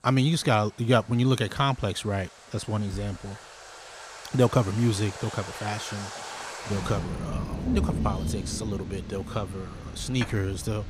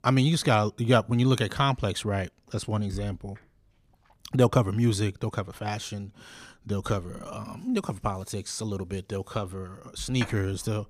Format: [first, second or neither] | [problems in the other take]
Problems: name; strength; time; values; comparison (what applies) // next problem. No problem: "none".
second | rain or running water; loud; throughout; 8 dB below the speech